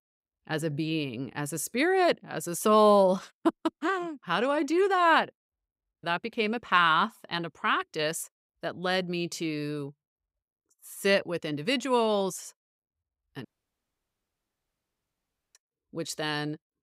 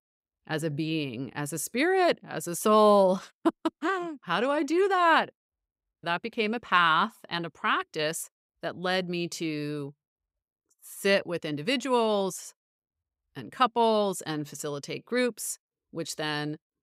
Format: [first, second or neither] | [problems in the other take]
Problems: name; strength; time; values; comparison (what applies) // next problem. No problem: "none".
second | audio cutting out; at 13 s for 2 s